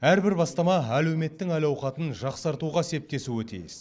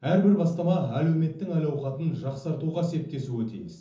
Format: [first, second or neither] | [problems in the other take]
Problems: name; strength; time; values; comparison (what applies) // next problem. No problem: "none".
first | room echo; dies away in 0.6 s